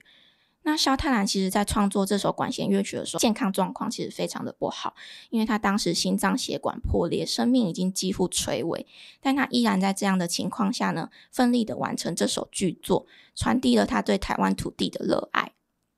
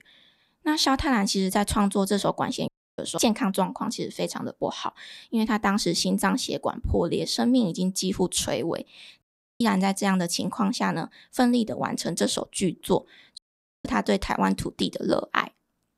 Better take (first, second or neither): first